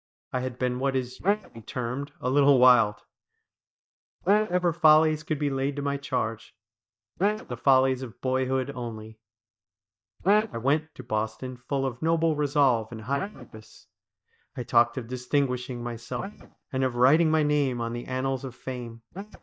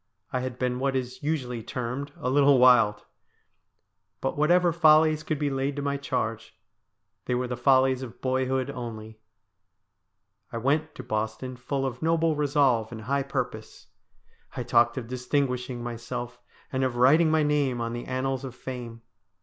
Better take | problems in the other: second | noise reduction (neural mask model DeepFilterNet 3)

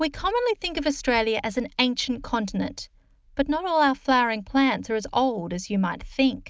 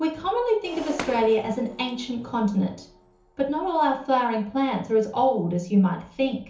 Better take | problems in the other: first | background sound (Shatter); 17 dB below the speech // room echo; dies away in 0.6 s

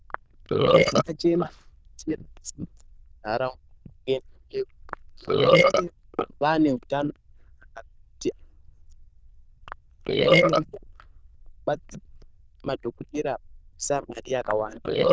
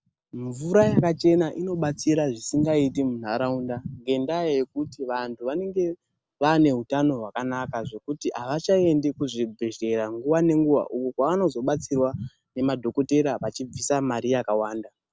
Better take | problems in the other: second | noise reduction (neural diffusion model UNIVERSE++)

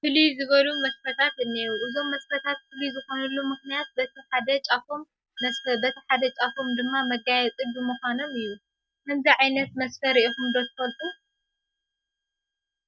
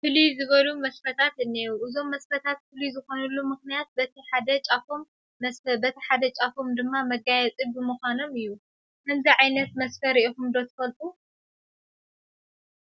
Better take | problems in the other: second | noise reduction (neural mask model RNNoise)

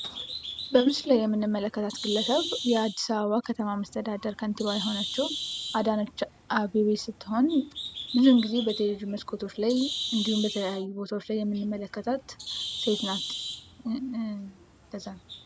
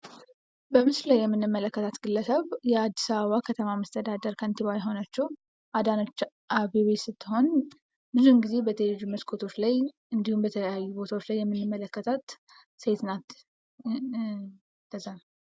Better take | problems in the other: second | background sound (Bird); 10 dB below the speech

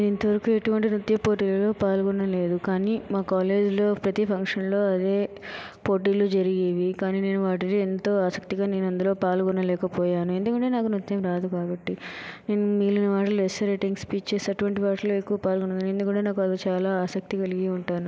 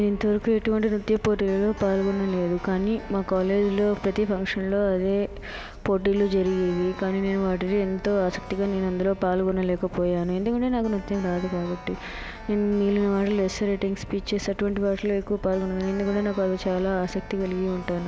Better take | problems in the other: first | background sound (Keyboard (musical)); 15 dB below the speech

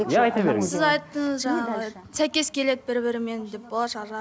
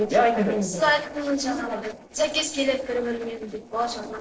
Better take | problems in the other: first | noise reduction (neural separator model SepFormer DNS4)

